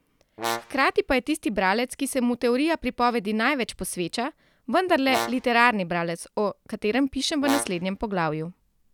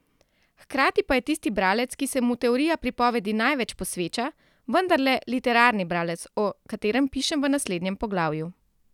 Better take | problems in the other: second | background sound (Brass instrument); 10 dB below the speech

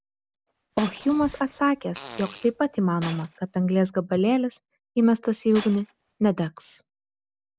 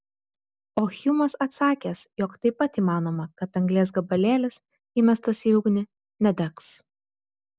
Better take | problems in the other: second | background sound (Fart + Shatter); 17 dB below the speech

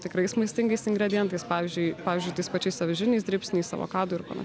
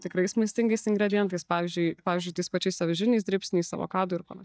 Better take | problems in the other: first | noise reduction (neural mask model DeepFilterNet 3)

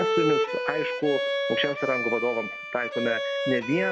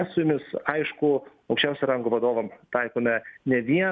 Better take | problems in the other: second | background sound (Bowed string instrument); as loud as the speech

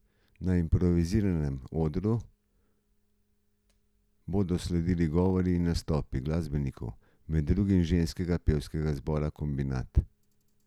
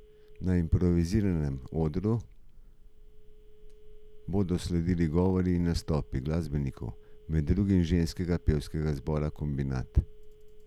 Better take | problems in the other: first | background sound (Telephone); 18 dB below the speech

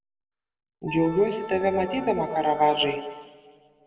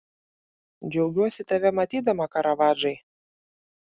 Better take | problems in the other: second | background sound (Wind instrument, woodwind instrument); 14 dB below the speech // room echo; dies away in 1.1 s

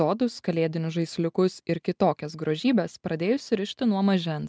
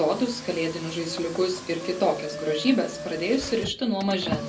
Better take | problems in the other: first | background sound (Car); 10 dB below the speech // room echo; dies away in 0.2 s

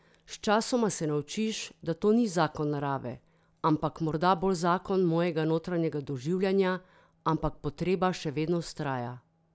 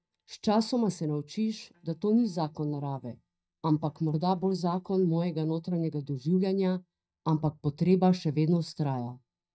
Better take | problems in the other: first | noise reduction (neural mask model DeepFilterNet 3)

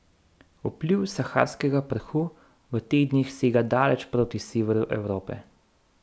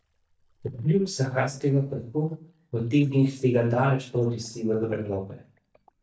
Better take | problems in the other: first | noise reduction (neural mask model DeepFilterNet 3)

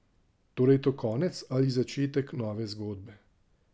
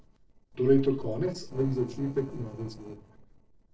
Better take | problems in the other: first | noise reduction (neural separator model SepFormer DNS4)

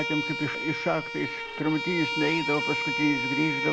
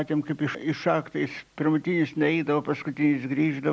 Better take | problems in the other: second | background sound (Bowed string instrument); 2 dB below the speech

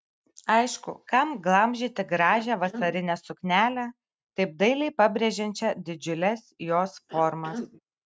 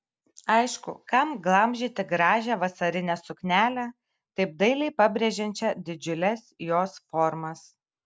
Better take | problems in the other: second | noise reduction (neural mask model RNNoise)

